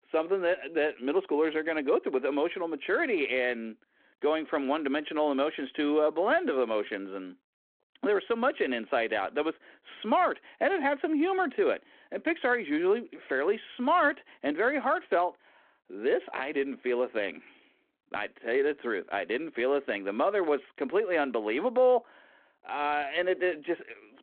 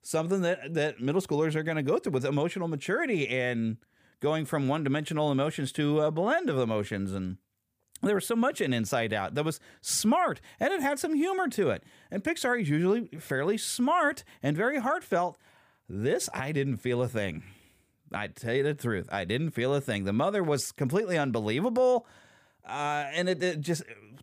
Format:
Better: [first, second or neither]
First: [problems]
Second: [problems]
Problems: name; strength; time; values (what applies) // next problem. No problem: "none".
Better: second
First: phone-call audio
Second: none